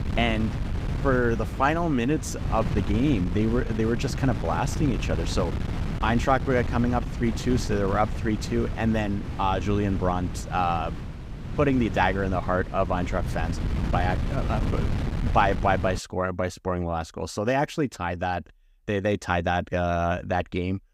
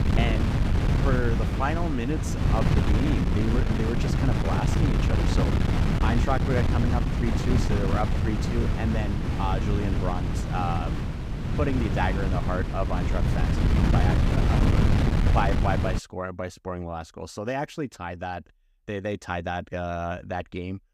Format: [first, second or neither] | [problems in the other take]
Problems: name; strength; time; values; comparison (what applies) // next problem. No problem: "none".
first | wind noise on the microphone; heavy; until 16 s; 1 dB below the speech; occasional gusts in the first